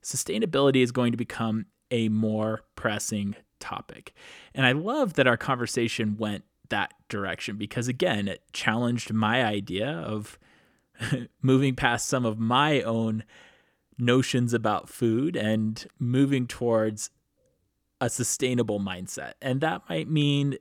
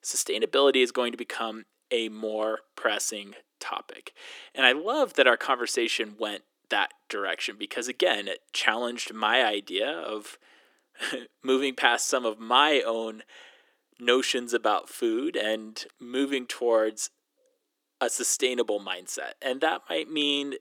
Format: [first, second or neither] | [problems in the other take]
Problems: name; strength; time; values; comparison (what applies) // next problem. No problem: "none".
first | thin; somewhat; fading below 300 Hz